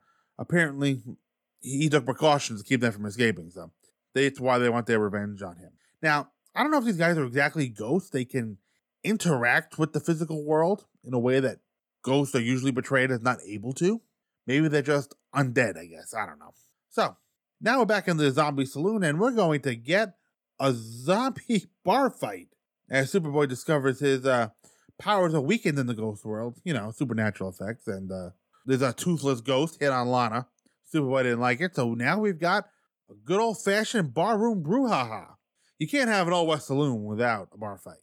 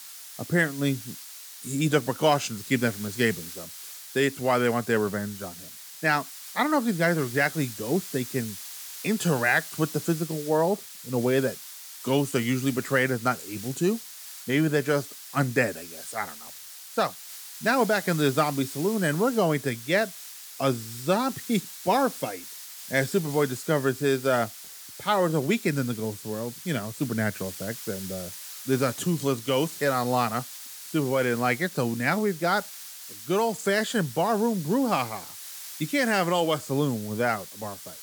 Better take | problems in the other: first | hiss; noticeable; throughout; 10 dB below the speech

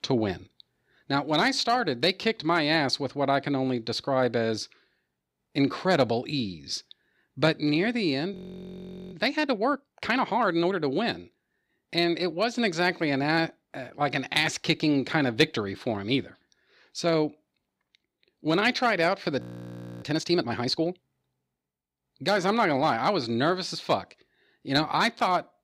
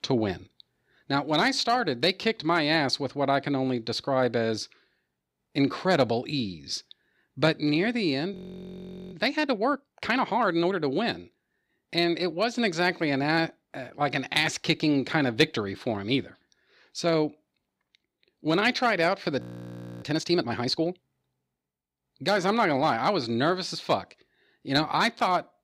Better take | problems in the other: neither | audio freezing; at 8.5 s for 1 s and at 19 s for 0.5 s; the same in both

